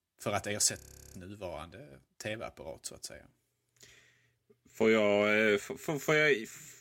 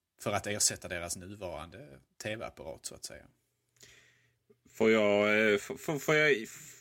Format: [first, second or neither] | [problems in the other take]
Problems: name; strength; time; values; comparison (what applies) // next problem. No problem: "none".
second | audio freezing; at 1 s